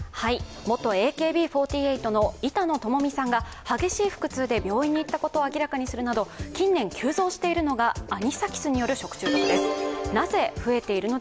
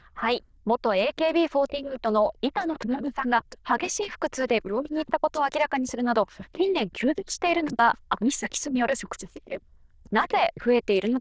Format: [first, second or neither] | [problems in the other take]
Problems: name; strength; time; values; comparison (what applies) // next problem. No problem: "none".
first | noise reduction (neural diffusion model UNIVERSE++)